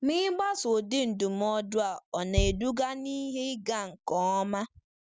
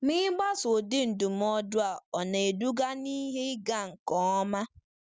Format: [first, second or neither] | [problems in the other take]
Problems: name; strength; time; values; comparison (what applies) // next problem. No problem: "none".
second | background sound (Bass drum); 6 dB below the speech